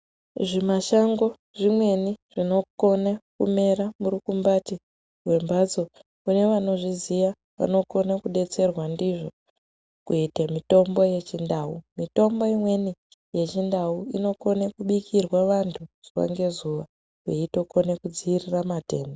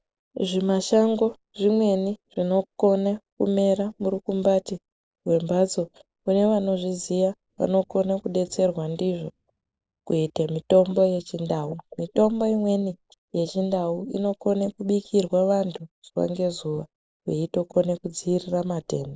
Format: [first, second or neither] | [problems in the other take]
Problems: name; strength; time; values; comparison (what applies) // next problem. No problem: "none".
first | noise reduction (neural mask model Resemble Enhance denoiser)